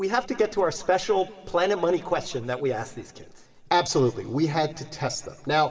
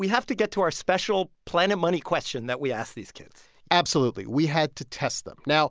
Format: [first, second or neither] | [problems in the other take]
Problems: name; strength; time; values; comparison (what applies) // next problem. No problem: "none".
second | room echo; dies away in 2.4 s